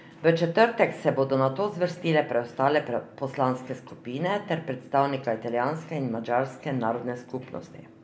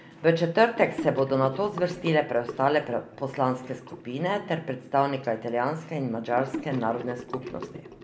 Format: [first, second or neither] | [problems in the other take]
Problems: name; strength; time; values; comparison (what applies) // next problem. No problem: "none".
first | background sound (Sink (filling or washing) / Gurgling); 14 dB below the speech